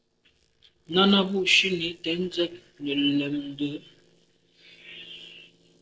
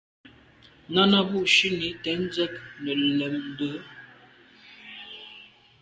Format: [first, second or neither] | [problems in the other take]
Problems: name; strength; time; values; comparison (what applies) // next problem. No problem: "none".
second | noise reduction (neural separator model SepFormer DNS4)